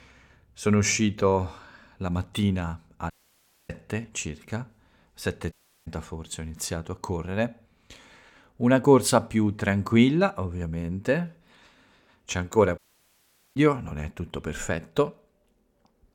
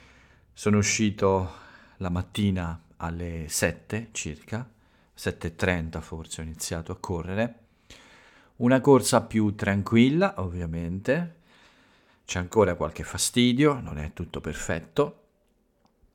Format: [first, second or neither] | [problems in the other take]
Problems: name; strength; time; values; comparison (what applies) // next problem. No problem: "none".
second | audio cutting out; at 3 s for 0.5 s, at 5.5 s and at 13 s for 1 s